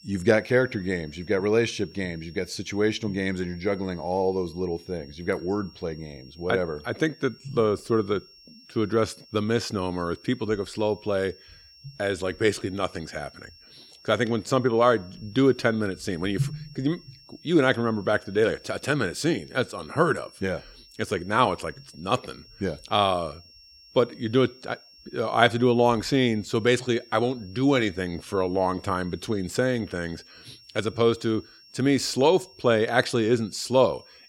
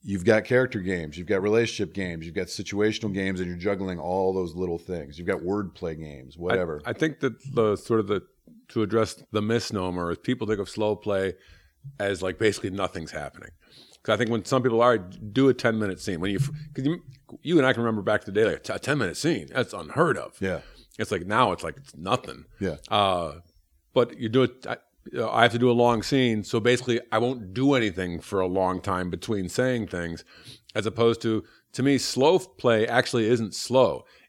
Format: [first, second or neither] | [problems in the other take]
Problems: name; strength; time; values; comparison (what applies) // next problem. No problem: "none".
second | high-pitched whine; faint; throughout; 5.5 kHz, 25 dB below the speech